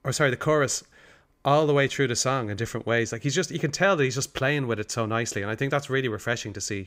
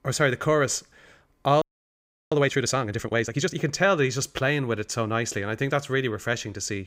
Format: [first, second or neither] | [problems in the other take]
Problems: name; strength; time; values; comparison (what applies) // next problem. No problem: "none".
first | audio freezing; at 1.5 s for 0.5 s